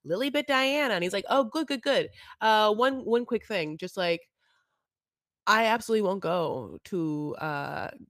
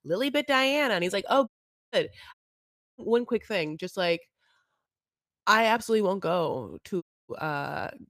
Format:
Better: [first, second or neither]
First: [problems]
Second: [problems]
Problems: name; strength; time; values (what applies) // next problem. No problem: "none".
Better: first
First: none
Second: audio cutting out; at 1.5 s, at 2.5 s for 0.5 s and at 7 s